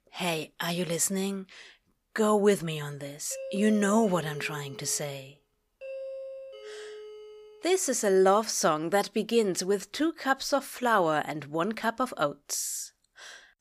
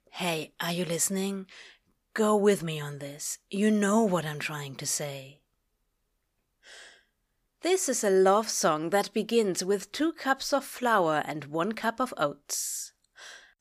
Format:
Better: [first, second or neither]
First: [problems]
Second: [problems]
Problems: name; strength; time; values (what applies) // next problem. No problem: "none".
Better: second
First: doorbell; faint; from 3.5 to 7.5 s; peak 10 dB below the speech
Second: none